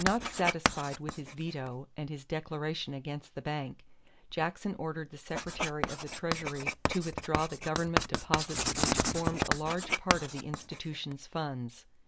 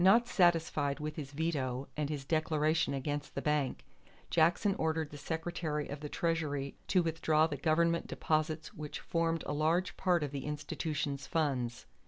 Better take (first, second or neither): second